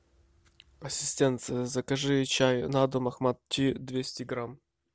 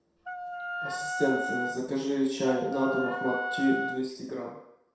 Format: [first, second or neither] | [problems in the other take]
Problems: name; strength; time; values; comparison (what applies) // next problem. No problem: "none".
first | background sound (Wind instrument, woodwind instrument); 4 dB below the speech // room echo; dies away in 0.7 s